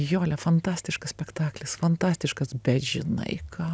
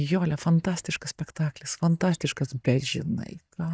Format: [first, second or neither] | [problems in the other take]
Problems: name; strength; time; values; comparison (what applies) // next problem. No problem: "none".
first | noise reduction (neural mask model DeepFilterNet 3)